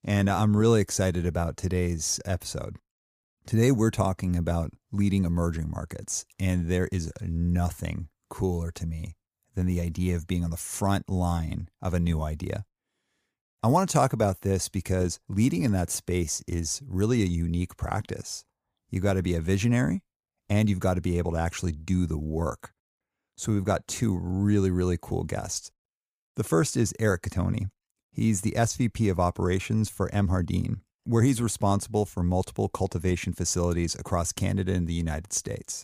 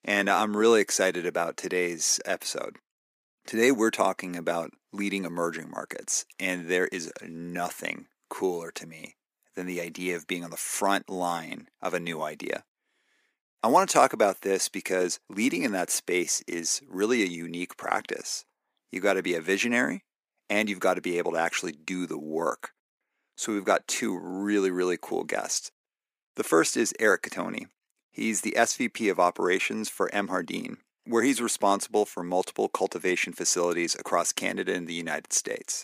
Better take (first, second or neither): first